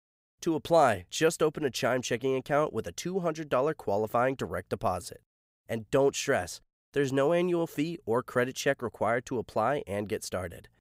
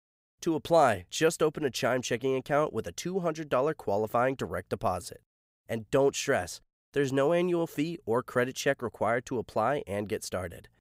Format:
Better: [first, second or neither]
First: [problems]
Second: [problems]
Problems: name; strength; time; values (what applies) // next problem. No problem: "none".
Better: neither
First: none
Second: none